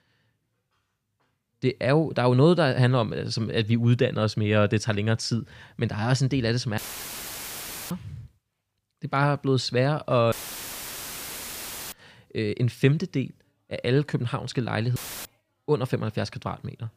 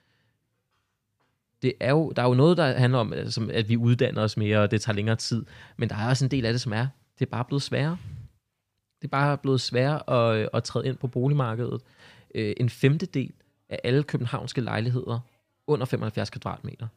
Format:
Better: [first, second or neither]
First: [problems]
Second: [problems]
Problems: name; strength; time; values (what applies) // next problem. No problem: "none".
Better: second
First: audio cutting out; filled with static; at 7 s for 1 s, at 10 s for 1.5 s and at 15 s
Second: none